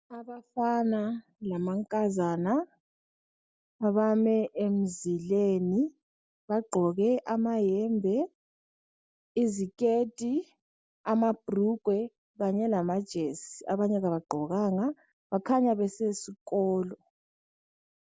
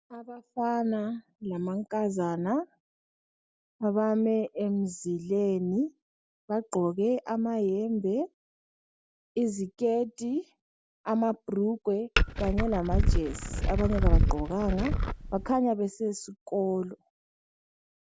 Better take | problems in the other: first | background sound (Glass); 4 dB above the speech

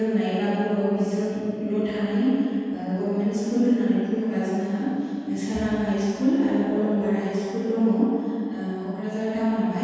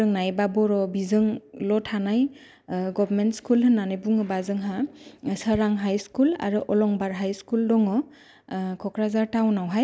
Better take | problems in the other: second | room echo; dies away in 2.1 s

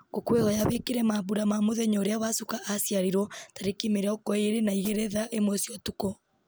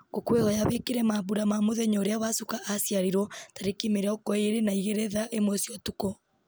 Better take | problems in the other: second | background sound (Hi-hat); 18 dB below the speech

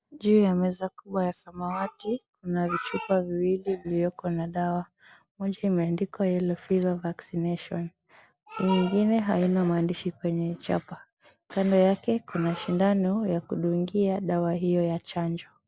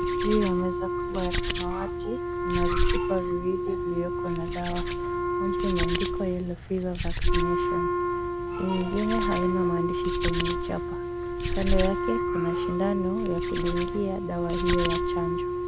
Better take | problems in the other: first | background sound (Hands + Wind instrument, woodwind instrument); 4 dB above the speech

